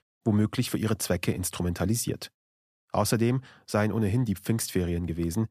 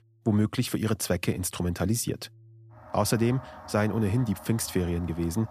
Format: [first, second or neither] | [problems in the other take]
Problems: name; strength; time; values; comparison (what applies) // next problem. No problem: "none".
first | background music; noticeable; throughout; 20 dB below the speech